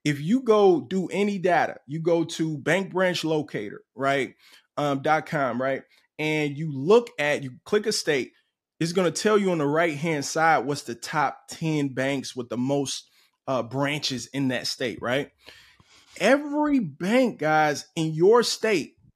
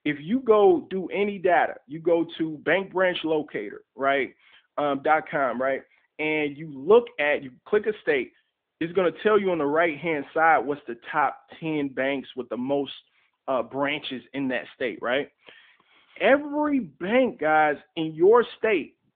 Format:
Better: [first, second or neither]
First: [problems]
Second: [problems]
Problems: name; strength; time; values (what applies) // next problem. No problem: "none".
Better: first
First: none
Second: phone-call audio